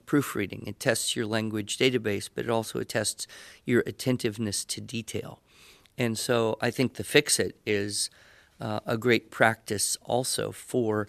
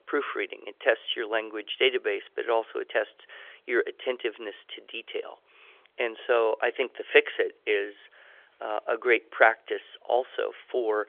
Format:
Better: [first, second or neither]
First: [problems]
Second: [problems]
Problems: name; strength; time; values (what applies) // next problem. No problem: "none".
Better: first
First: none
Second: phone-call audio; nothing above 3.5 kHz